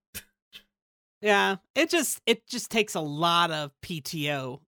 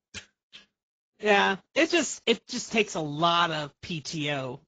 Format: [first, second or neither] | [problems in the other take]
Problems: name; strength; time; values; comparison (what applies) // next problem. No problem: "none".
first | garbled, watery; badly; nothing above 7.5 kHz